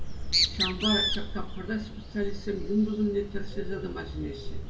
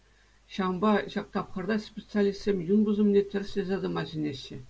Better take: second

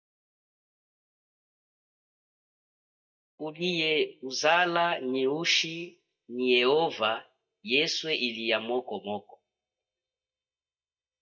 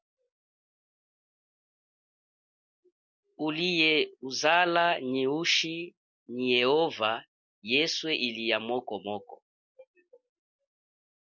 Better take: second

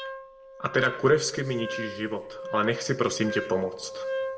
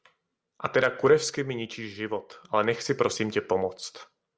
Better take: second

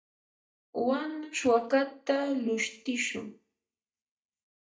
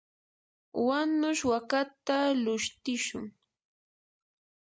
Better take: second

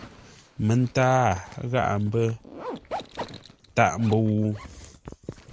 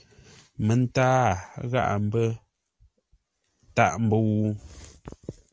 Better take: second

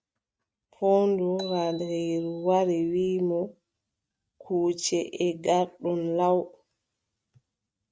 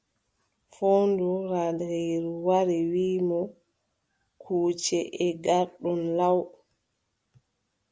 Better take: second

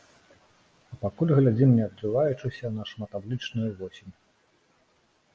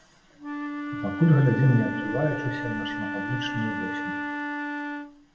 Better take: first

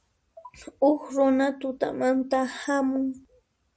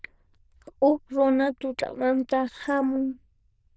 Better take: first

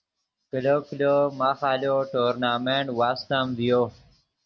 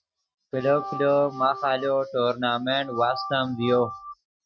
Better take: first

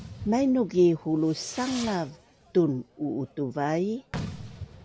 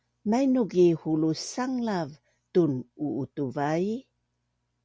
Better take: second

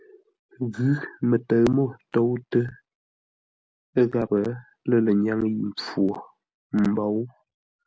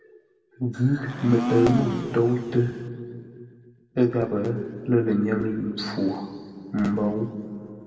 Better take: first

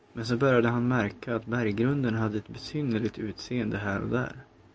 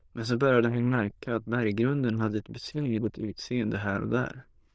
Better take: first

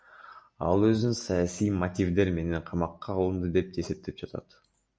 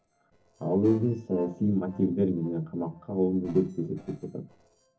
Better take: first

